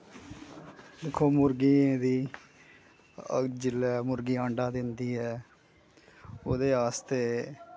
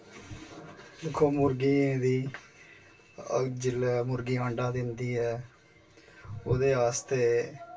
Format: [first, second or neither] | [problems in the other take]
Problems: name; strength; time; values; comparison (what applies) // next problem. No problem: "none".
first | room echo; dies away in 0.1 s